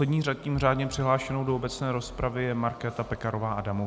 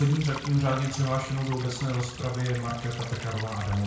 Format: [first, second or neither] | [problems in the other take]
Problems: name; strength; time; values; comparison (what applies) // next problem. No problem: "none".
first | background sound (Stream / Trickle, dribble); 13 dB below the speech // room echo; dies away in 0.5 s